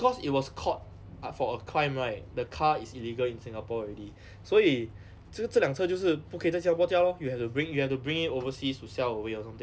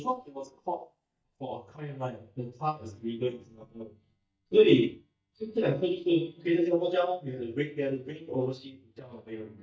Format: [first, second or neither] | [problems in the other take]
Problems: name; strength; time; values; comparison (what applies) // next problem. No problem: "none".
first | noise reduction (neural mask model DeepFilterNet 3)